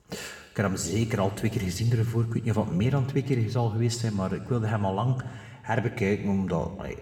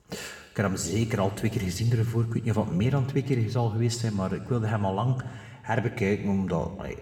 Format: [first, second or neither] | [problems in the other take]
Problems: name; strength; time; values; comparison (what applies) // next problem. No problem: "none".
neither | room echo; slight; dies away in 1.8 s; the same in both